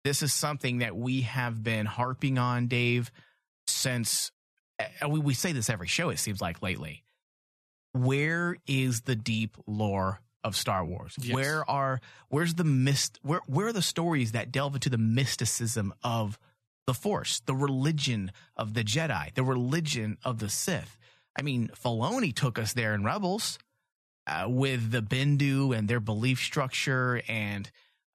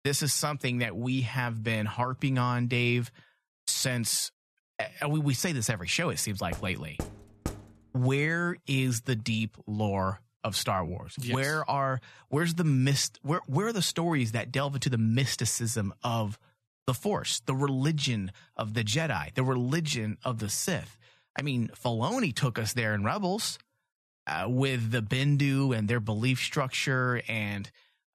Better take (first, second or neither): first